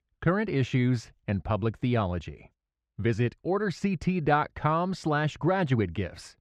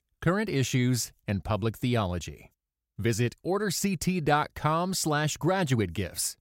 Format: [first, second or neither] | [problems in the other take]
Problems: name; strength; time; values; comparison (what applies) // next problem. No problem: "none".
second | muffled; slightly; fading above 2.5 kHz